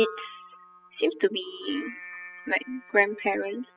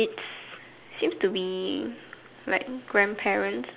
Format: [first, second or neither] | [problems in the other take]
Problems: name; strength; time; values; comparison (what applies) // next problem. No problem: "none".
second | noise reduction (classical method spectral subtraction)